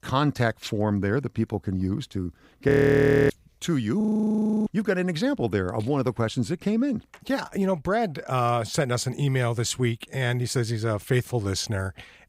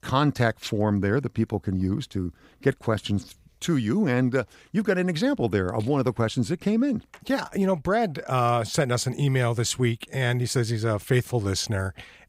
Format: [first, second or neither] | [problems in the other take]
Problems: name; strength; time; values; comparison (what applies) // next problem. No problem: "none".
second | audio freezing; at 2.5 s for 0.5 s and at 4 s for 0.5 s